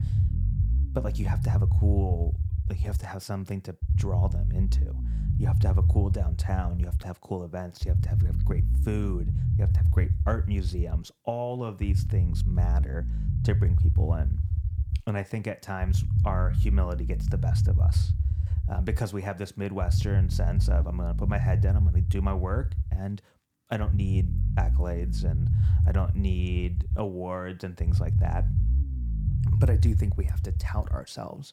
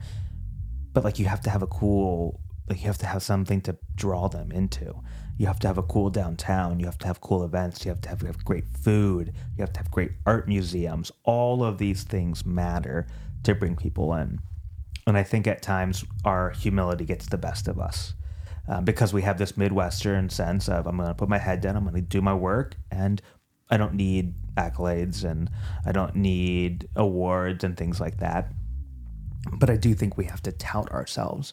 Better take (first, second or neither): second